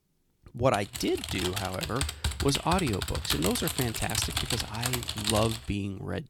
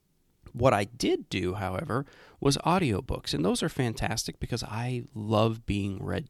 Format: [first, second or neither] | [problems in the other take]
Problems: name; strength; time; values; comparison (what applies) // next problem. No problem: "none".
second | keyboard typing; loud; from 0.5 to 5.5 s; peak 2 dB above the speech